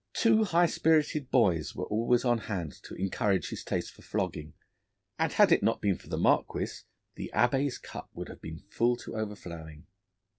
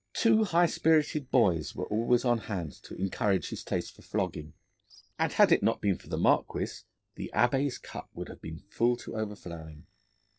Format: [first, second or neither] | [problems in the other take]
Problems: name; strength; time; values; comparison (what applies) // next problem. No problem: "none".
first | noise reduction (neural separator model SepFormer DNS4)